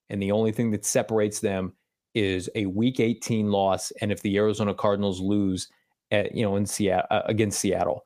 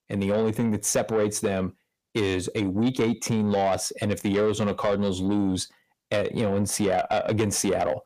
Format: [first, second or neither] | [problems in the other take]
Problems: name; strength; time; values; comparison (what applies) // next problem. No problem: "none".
first | distortion; slight; 10 dB below the speech